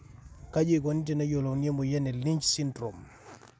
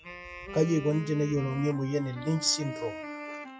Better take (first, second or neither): first